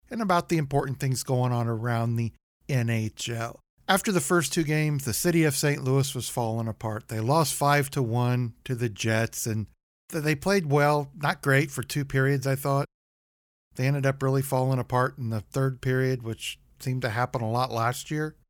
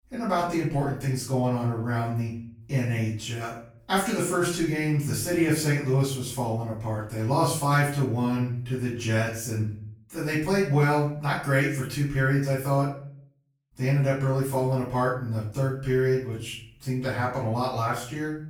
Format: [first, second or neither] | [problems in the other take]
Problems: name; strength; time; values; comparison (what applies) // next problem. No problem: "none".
first | off-mic speech; far // room echo; noticeable; dies away in 0.5 s